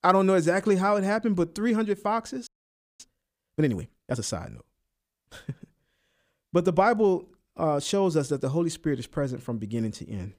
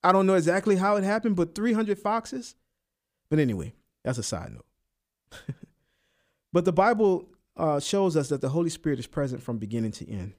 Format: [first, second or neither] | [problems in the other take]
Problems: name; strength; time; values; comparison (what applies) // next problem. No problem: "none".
second | audio freezing; at 2.5 s for 0.5 s